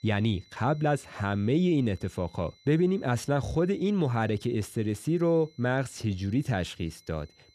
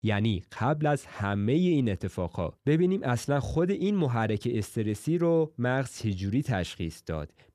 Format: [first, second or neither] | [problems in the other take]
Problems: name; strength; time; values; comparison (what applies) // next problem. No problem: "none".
second | high-pitched whine; faint; throughout; 4 kHz, 30 dB below the speech